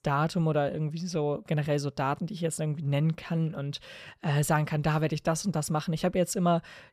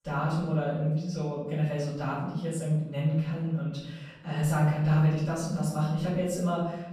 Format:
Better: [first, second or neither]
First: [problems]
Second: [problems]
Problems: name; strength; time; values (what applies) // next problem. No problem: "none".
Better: first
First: none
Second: room echo; noticeable; dies away in 0.9 s // off-mic speech; far